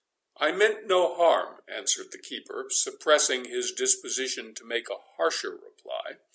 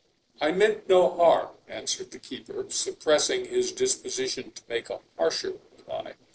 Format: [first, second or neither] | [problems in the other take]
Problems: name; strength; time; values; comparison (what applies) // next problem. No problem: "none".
first | noise reduction (neural separator model SepFormer DNS4)